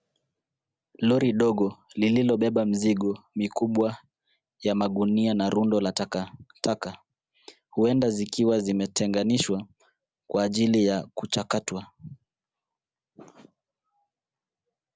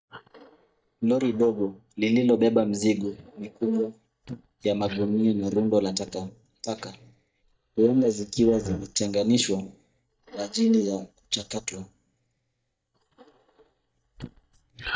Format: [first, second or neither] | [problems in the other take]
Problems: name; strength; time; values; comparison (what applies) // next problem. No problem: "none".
first | noise reduction (neural mask model DeepFilterNet 3)